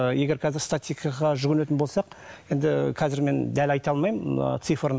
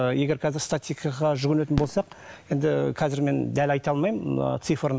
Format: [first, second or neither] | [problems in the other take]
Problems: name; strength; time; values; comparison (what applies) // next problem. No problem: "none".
first | background sound (Fireworks); 18 dB below the speech